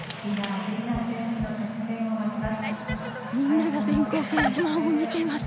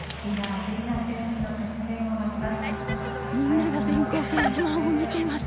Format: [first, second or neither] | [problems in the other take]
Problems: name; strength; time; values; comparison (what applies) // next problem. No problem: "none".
first | background sound (Musical instrument + Bowed string instrument); 9 dB below the speech